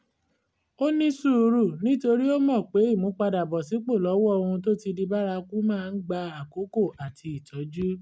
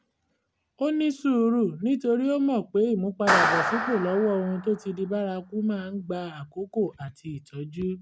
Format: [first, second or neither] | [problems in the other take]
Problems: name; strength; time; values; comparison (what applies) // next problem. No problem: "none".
first | background sound (Clapping); 2 dB below the speech